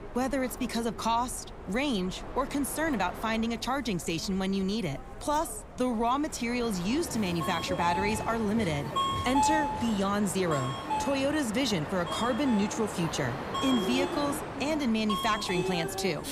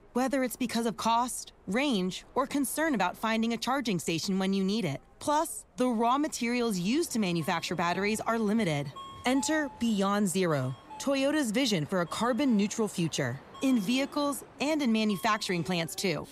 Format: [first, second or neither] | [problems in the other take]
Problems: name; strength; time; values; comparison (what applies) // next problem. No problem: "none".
second | train or aircraft noise; loud; throughout; 5 dB below the speech; faint in the second